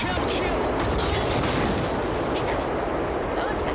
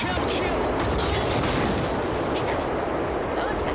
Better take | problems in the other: second | background sound (Mechanical fan); 17 dB below the speech

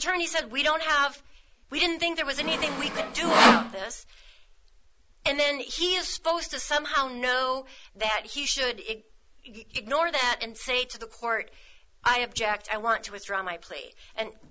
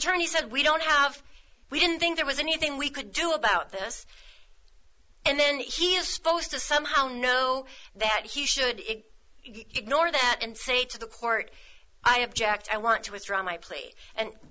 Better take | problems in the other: second | background sound (Sawing); 4 dB above the speech

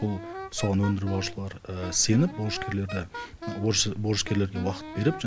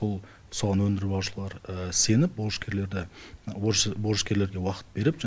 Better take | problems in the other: second | background sound (Wind instrument, woodwind instrument); 12 dB below the speech

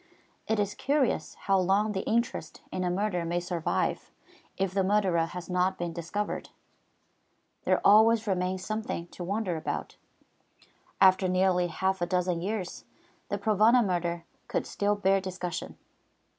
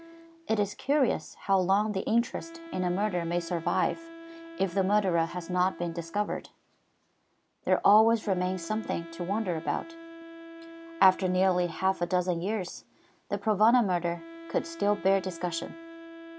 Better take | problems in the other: first | background sound (Wind instrument, woodwind instrument); 17 dB below the speech

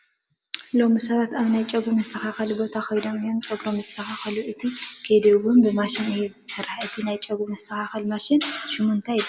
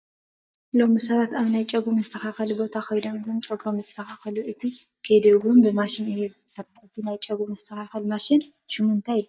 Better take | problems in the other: first | noise reduction (neural mask model DeepFilterNet 3)

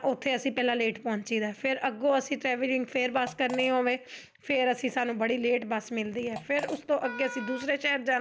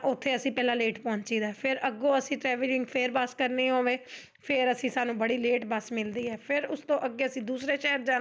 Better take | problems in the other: second | background sound (Fart + Wind instrument, woodwind instrument); 14 dB below the speech

